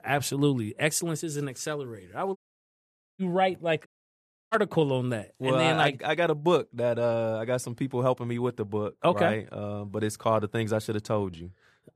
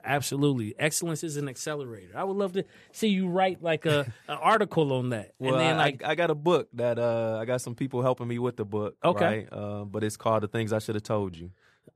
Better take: second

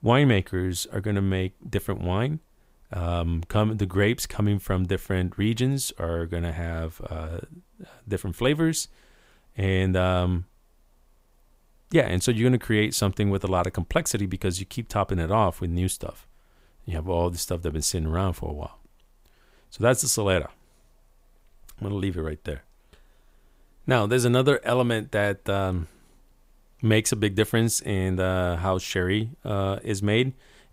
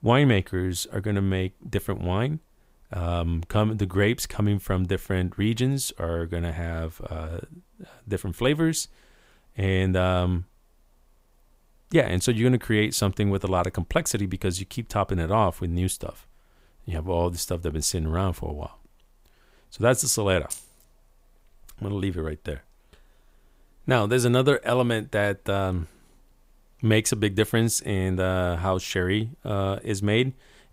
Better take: first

